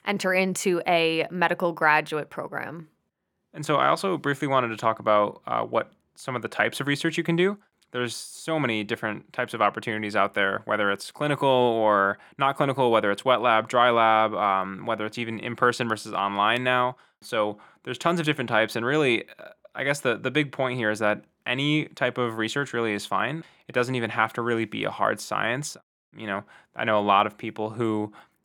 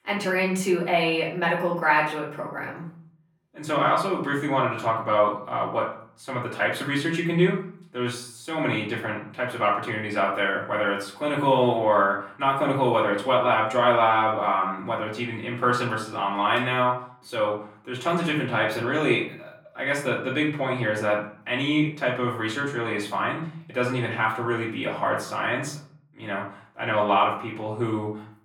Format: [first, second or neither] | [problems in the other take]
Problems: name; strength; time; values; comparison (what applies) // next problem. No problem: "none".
first | off-mic speech; far // room echo; slight; dies away in 0.5 s